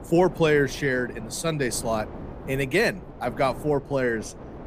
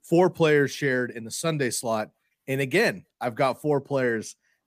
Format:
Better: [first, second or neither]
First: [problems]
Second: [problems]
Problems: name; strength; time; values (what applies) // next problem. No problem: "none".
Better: second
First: wind noise on the microphone; occasional gusts; 15 dB below the speech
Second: none